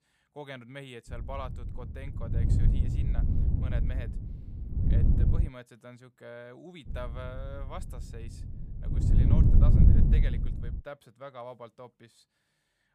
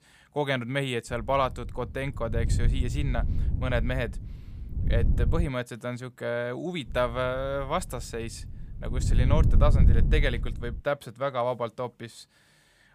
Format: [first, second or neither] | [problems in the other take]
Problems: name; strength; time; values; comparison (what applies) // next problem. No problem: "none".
second | wind noise on the microphone; heavy; from 1 to 5.5 s and from 7 to 11 s; 4 dB above the speech; occasional gusts in the second